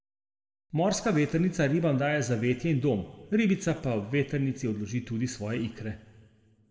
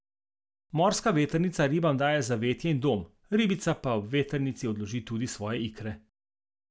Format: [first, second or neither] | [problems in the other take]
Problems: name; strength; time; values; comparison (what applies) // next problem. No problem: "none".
second | room echo; dies away in 1.4 s